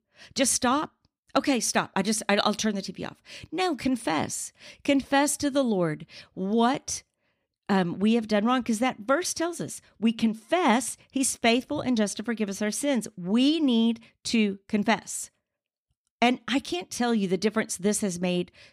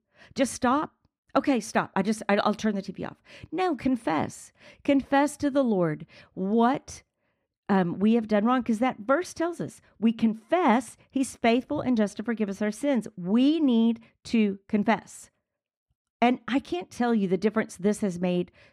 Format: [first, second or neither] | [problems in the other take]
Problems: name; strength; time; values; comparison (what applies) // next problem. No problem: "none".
first | muffled; slightly; fading above 2.5 kHz